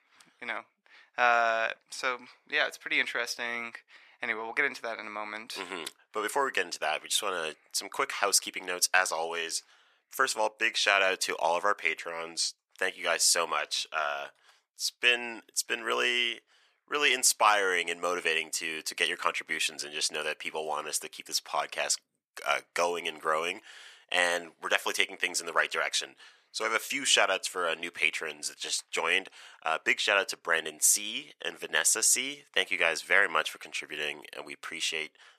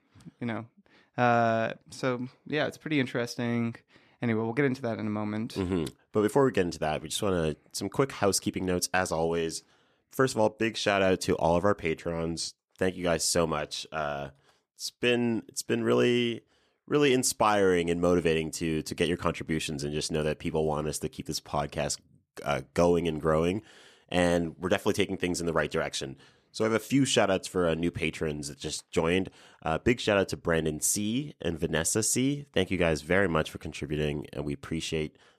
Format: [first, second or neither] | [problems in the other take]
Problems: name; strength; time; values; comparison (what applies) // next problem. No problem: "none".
second | thin; very; fading below 900 Hz